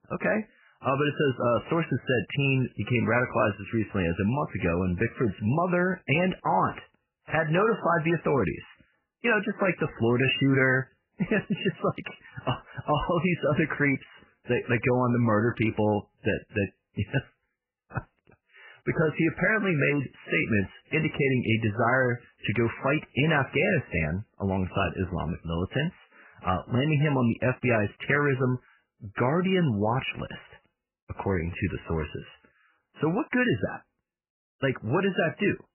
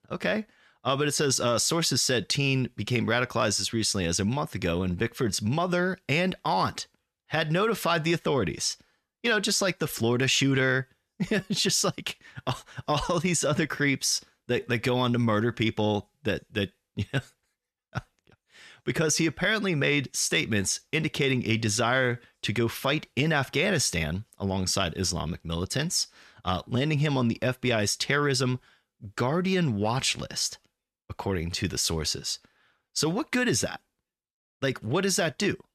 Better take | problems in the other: second | garbled, watery; badly; nothing above 3 kHz

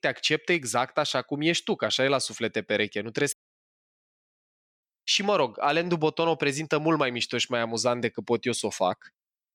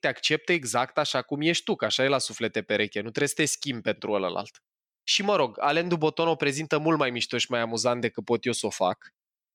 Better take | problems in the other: second | audio cutting out; at 3.5 s for 1.5 s

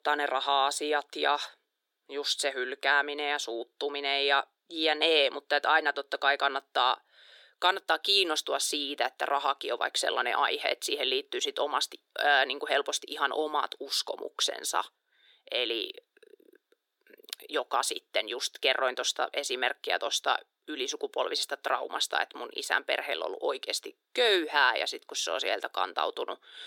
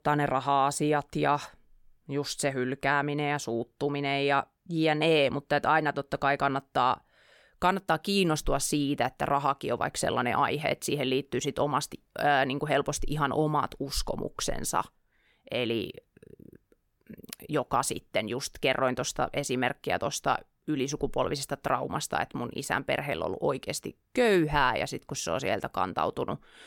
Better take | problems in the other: second | thin; very; fading below 350 Hz

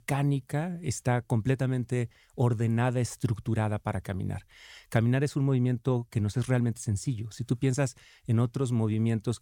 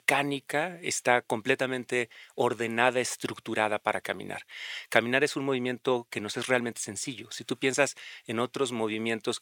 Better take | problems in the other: first | thin; very; fading below 450 Hz

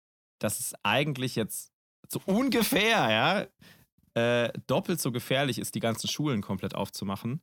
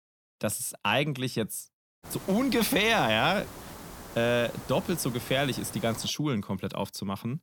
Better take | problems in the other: first | hiss; noticeable; from 2 to 6 s; 15 dB below the speech

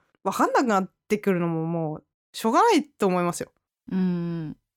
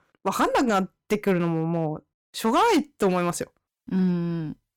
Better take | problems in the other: first | distortion; slight; 6% of the sound clipped

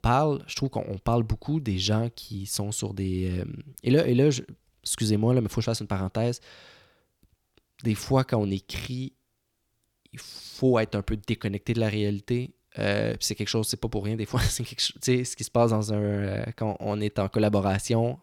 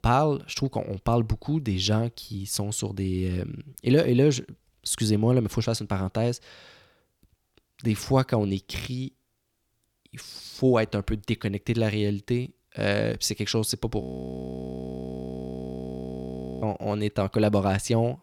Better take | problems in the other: first | audio freezing; at 14 s for 2.5 s

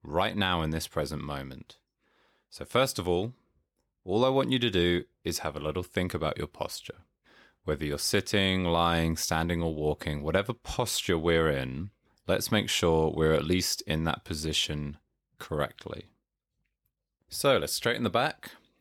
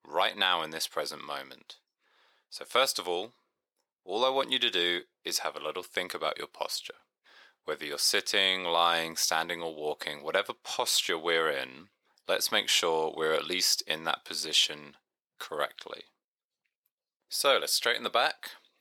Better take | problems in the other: first | thin; very; fading below 600 Hz

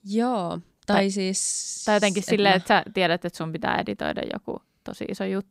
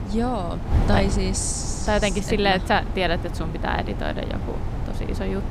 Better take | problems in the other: first | wind noise on the microphone; occasional gusts; 10 dB below the speech

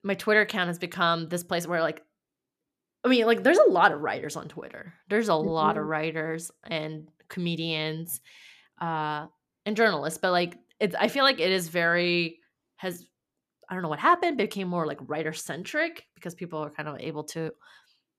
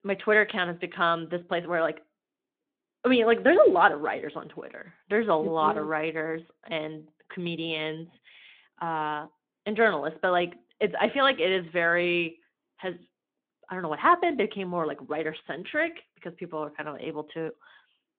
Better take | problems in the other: first | phone-call audio

